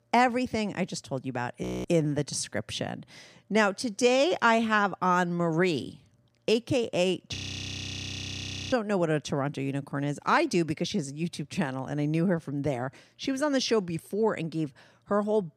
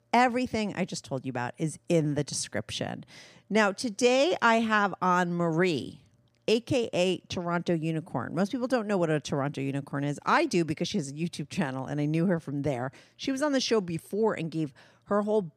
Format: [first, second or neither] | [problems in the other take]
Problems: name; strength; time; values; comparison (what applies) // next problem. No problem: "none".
second | audio freezing; at 1.5 s and at 7.5 s for 1.5 s